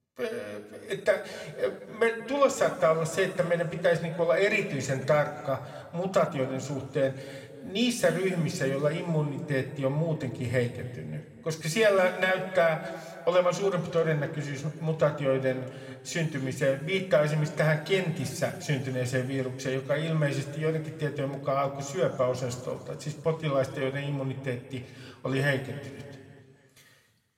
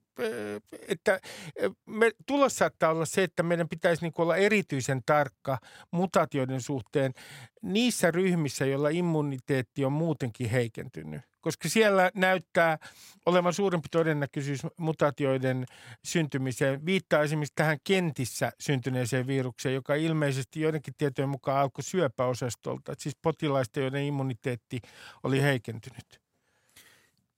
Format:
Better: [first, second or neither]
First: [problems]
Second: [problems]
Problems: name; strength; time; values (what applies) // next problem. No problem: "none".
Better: second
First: room echo; slight; dies away in 2 s // off-mic speech; somewhat distant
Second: none